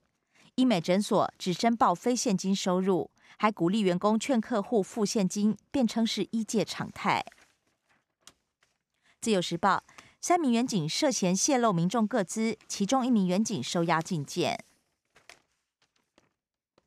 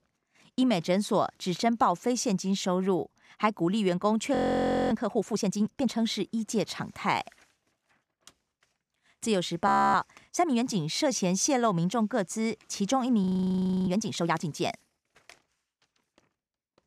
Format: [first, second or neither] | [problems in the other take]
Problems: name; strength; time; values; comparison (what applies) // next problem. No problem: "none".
first | audio freezing; at 4.5 s for 0.5 s, at 9.5 s and at 13 s for 0.5 s